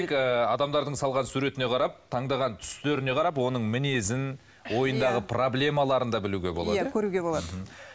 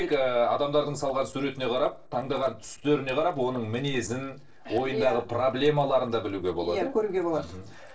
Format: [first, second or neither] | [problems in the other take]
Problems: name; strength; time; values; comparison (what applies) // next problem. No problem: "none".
first | noise reduction (neural separator model SepFormer DNS4)